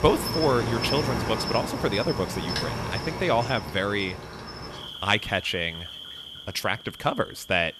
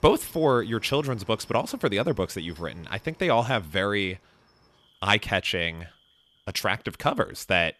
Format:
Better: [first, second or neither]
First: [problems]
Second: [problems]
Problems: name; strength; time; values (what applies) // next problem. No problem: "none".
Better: second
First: animal sounds; loud; throughout; 5 dB below the speech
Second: animal sounds; faint; throughout; 30 dB below the speech